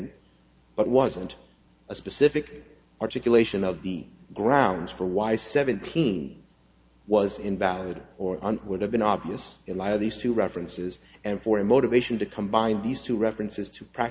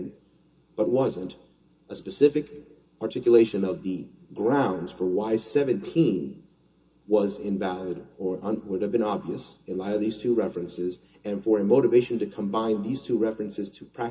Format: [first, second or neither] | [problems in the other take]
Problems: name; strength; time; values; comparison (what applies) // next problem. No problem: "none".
first | room echo; dies away in 0.2 s